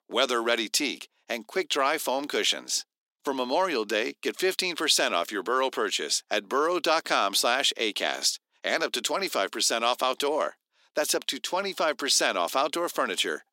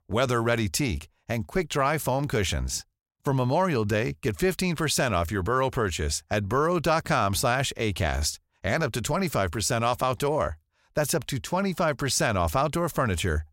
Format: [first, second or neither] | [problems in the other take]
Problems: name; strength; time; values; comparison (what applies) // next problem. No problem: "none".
second | thin; somewhat; fading below 250 Hz